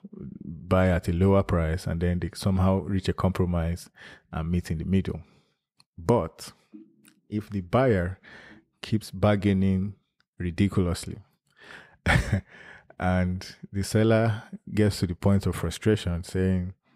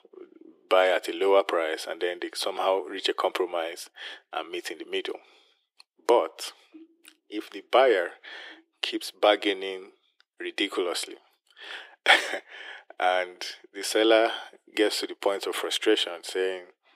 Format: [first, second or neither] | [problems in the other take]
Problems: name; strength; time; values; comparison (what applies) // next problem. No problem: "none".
first | thin; very; fading below 300 Hz